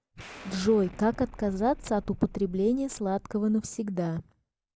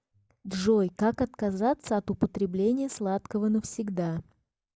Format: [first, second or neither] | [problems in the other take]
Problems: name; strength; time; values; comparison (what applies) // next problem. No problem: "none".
second | background sound (Explosion); 18 dB below the speech